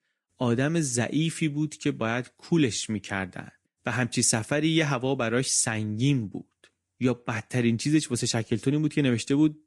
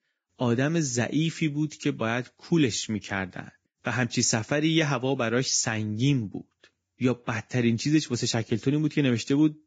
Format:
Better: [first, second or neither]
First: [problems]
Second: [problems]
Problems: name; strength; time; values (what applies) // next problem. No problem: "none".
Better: first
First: garbled, watery; slightly; nothing above 10.5 kHz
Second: garbled, watery; badly; nothing above 7.5 kHz